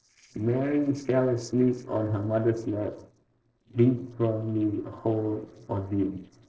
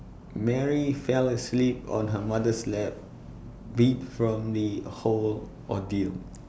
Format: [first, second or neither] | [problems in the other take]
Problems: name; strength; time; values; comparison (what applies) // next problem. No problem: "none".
second | noise reduction (neural separator model SepFormer DNS4)